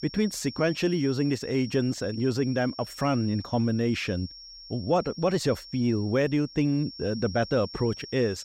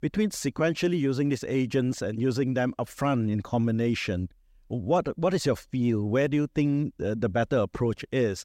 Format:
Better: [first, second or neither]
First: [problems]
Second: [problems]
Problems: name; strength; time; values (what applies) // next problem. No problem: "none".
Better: second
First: high-pitched whine; noticeable; throughout; 5.5 kHz, 15 dB below the speech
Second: none